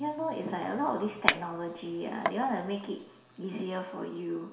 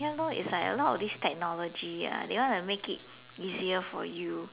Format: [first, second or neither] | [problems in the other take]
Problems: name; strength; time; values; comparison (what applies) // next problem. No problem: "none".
second | background sound (Chink, clink); 3 dB below the speech // room echo; dies away in 0.7 s